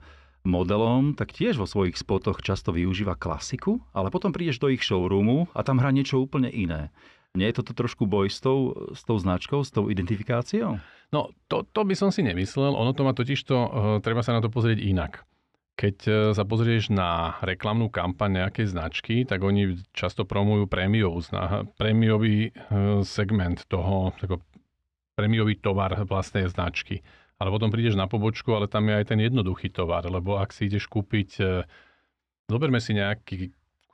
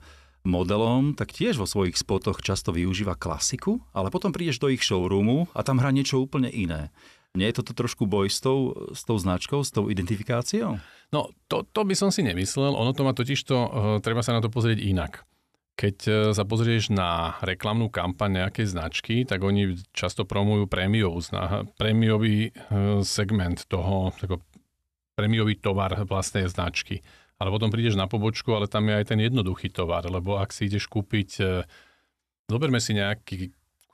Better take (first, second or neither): second